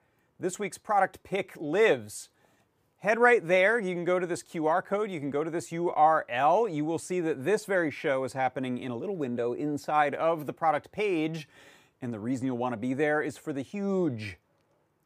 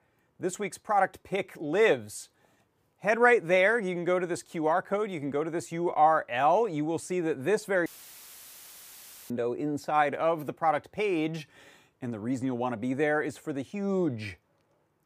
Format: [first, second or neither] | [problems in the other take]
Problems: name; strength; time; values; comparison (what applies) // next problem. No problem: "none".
first | audio cutting out; filled with static; at 8 s for 1.5 s